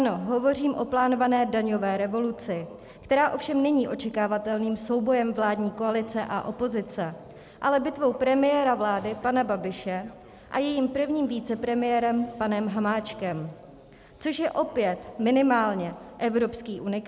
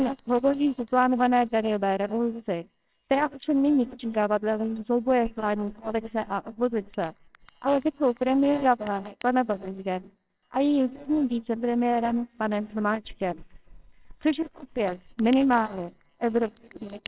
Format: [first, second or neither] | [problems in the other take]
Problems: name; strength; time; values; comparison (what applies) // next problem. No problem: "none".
first | noise reduction (neural separator model SepFormer WHAMR!)